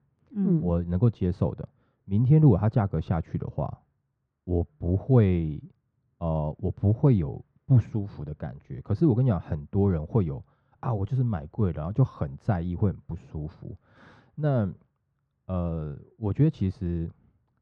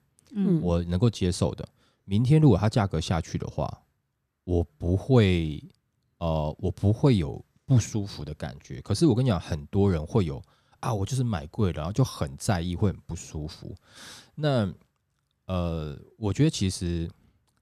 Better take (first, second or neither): second